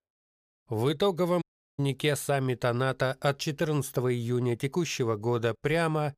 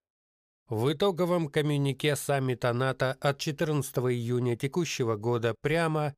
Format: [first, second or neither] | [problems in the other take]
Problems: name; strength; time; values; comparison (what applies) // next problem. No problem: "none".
second | audio cutting out; at 1.5 s